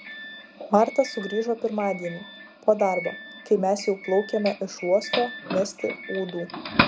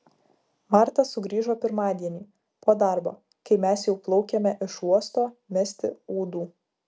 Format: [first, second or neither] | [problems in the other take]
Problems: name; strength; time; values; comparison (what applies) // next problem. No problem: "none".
second | background sound (Doorbell); 7 dB below the speech